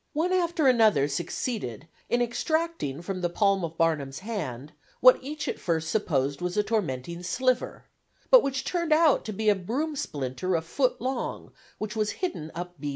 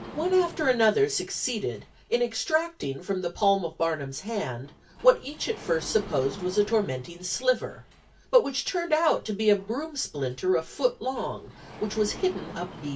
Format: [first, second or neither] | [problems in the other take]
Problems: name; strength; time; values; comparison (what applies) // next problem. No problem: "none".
first | background sound (Sliding door); 19 dB below the speech // room echo; dies away in 0.1 s